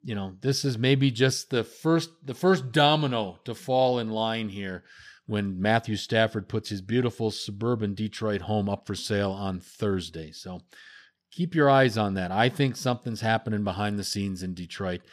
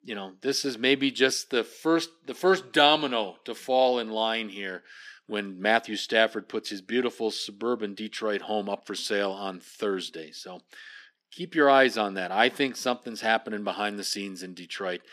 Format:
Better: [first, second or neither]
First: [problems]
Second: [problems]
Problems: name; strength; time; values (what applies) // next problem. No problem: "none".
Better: first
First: none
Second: thin; somewhat; fading below 250 Hz